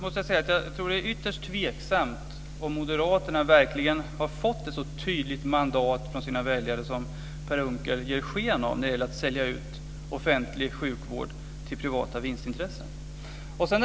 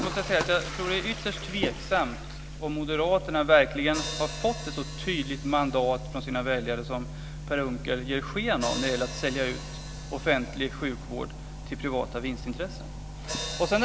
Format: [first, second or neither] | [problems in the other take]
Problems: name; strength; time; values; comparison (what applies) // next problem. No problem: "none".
first | background sound (Hi-hat + Toilet flush); 12 dB below the speech